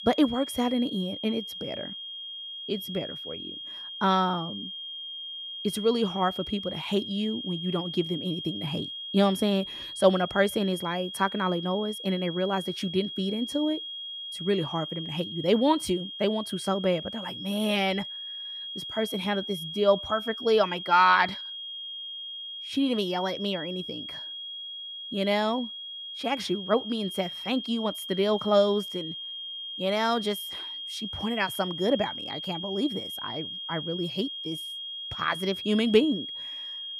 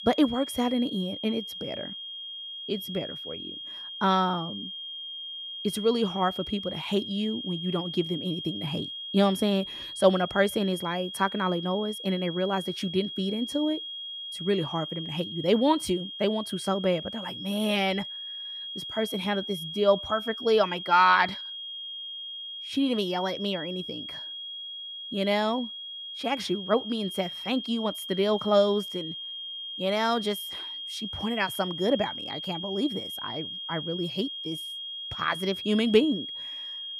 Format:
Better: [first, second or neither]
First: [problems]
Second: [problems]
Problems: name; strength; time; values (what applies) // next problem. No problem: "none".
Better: neither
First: high-pitched whine; loud; throughout; 3.5 kHz, 7 dB below the speech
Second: high-pitched whine; loud; throughout; 3.5 kHz, 7 dB below the speech